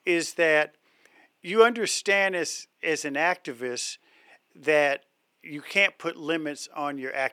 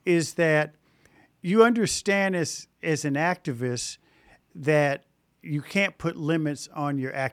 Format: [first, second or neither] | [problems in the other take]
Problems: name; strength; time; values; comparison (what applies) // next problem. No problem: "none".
second | thin; somewhat; fading below 450 Hz